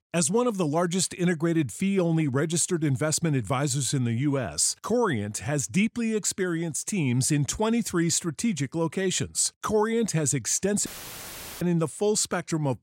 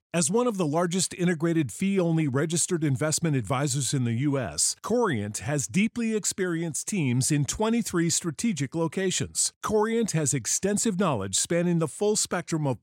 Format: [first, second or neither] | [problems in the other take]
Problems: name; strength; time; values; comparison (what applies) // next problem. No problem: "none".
second | audio cutting out; filled with static; at 11 s for 1 s